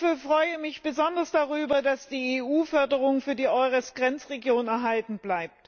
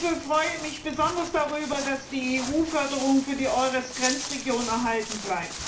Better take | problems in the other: first | background sound (Walk, footsteps); 9 dB below the speech // room echo; dies away in 0.4 s

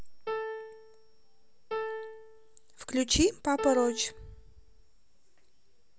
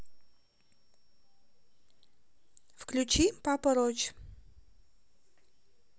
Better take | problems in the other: second | background sound (Piano); 7 dB below the speech

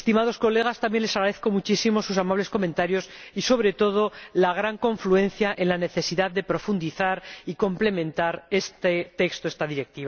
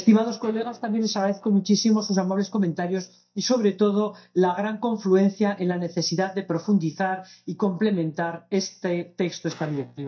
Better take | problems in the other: first | noise reduction (neural mask model DeepFilterNet 3)

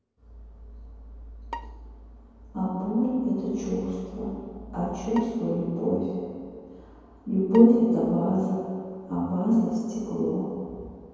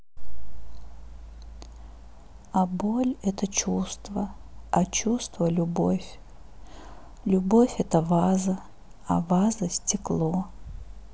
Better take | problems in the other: second | background sound (Bowed string instrument); 19 dB below the speech // room echo; dies away in 2.2 s

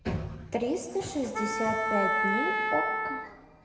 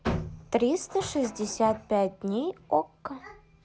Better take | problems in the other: second | background sound (Wind instrument, woodwind instrument); 3 dB above the speech // room echo; dies away in 2.8 s

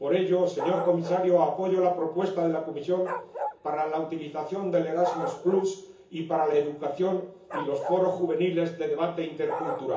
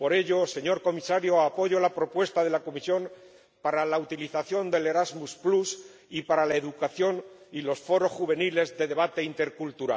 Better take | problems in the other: second | background sound (Bark); 11 dB below the speech // room echo; dies away in 0.7 s

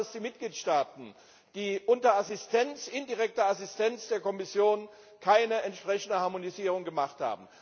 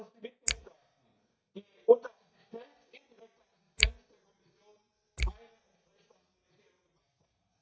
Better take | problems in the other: first | noise reduction (neural mask model DeepFilterNet 3)

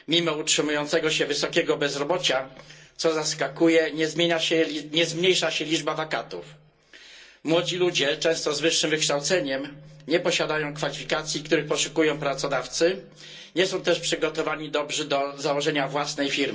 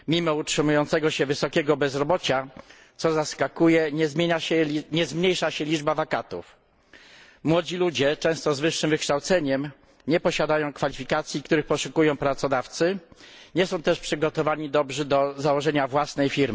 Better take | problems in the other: second | room echo; dies away in 0.2 s

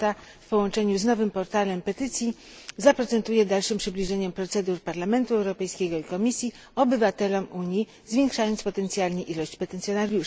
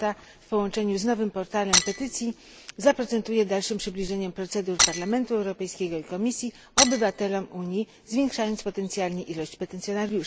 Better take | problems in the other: first | background sound (Shatter); as loud as the speech

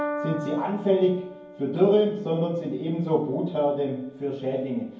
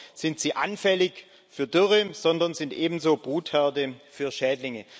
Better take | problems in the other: second | background sound (Piano); 13 dB below the speech // room echo; dies away in 0.9 s

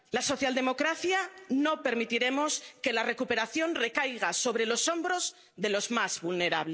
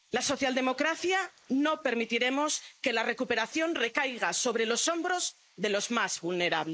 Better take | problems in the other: first | noise reduction (neural mask model Resemble Enhance denoiser)

